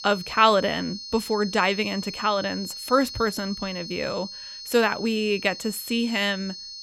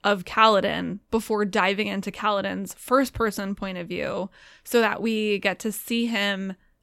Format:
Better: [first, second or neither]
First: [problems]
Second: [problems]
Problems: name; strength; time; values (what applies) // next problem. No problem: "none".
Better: second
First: high-pitched whine; noticeable; throughout; 4.5 kHz, 10 dB below the speech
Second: none